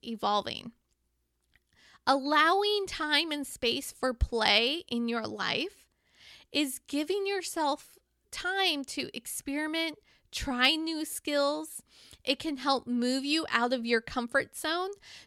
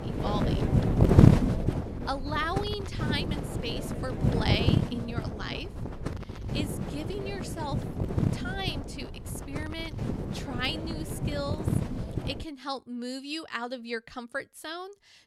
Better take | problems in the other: first | wind noise on the microphone; heavy; until 12 s; 1 dB below the speech

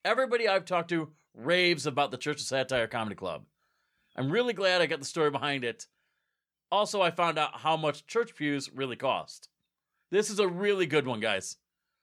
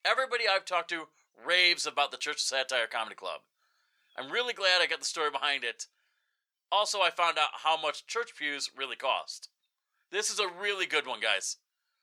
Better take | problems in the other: first | thin; very; fading below 750 Hz

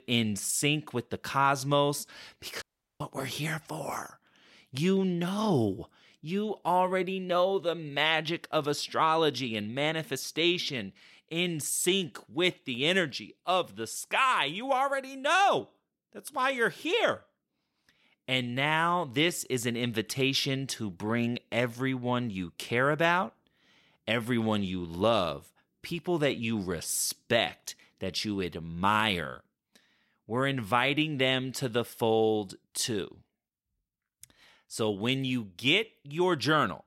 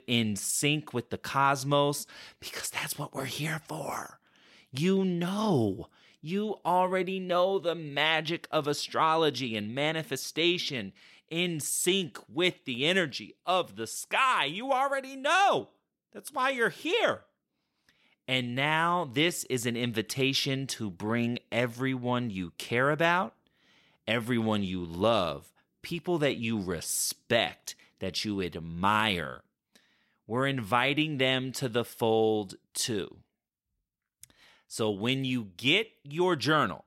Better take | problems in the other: second | audio cutting out; at 2.5 s

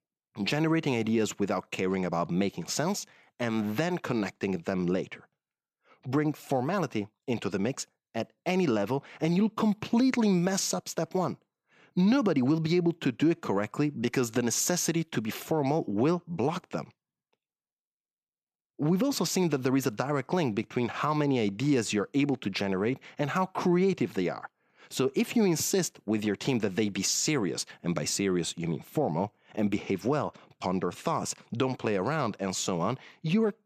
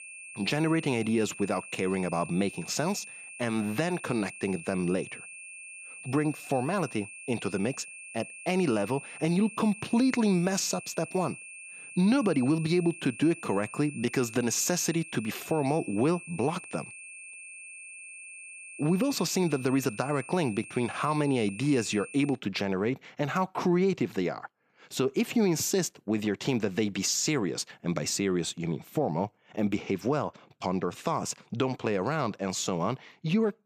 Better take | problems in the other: first | high-pitched whine; noticeable; until 22 s; 2.5 kHz, 15 dB below the speech

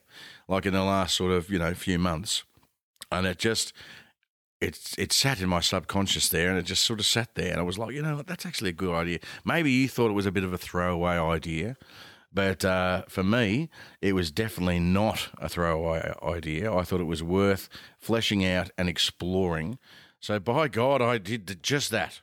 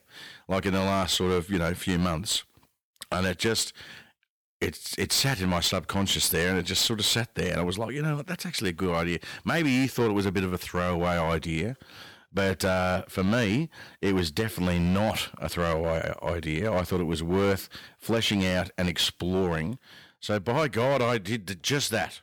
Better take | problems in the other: first | distortion; slight; 7% of the sound clipped

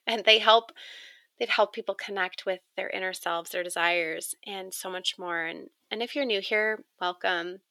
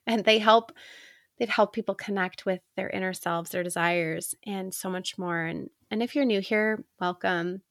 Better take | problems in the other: second | thin; somewhat; fading below 450 Hz

